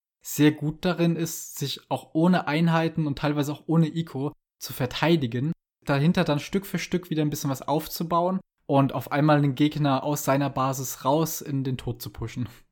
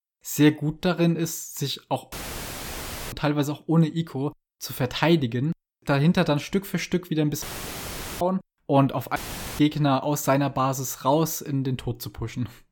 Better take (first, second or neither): first